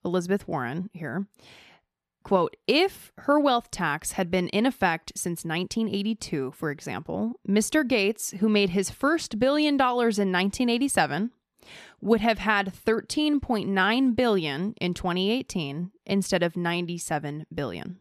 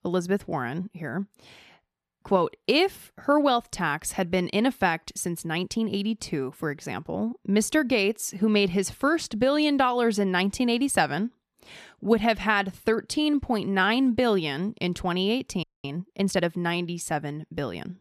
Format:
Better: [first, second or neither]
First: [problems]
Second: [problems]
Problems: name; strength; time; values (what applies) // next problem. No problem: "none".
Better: first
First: none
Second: audio freezing; at 16 s